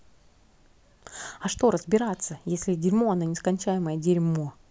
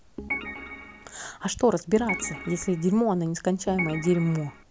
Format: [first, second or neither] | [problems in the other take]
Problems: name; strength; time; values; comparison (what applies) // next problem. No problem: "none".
first | background sound (Organ); 9 dB below the speech